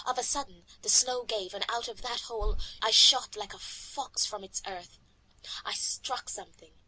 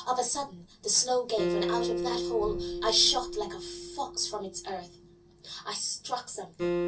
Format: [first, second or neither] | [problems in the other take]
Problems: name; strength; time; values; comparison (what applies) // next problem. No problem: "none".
first | background sound (Acoustic guitar); 4 dB below the speech // room echo; dies away in 0.3 s